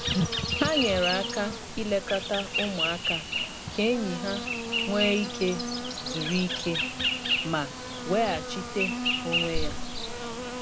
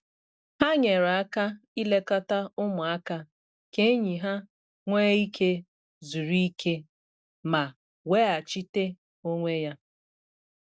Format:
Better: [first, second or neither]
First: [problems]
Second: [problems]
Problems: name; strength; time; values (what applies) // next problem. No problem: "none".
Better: second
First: background sound (Insect); as loud as the speech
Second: none